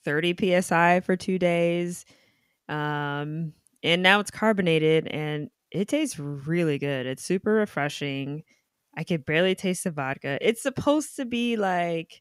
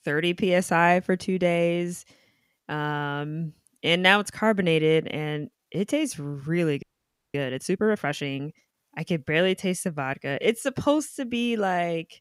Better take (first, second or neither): first